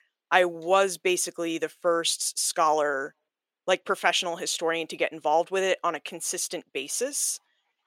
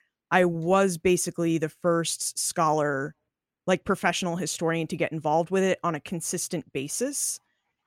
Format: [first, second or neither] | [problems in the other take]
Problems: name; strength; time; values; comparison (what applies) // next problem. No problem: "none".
second | thin; very; fading below 500 Hz